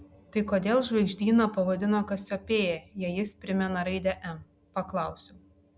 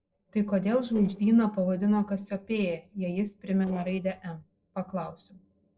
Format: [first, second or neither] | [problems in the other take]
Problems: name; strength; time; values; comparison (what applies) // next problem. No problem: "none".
first | noise reduction (neural separator model SepFormer DNS4)